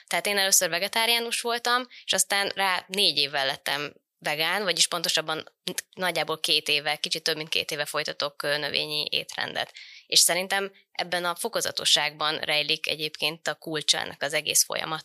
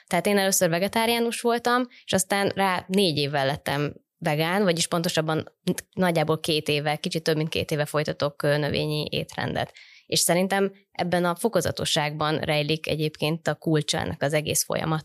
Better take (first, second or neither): second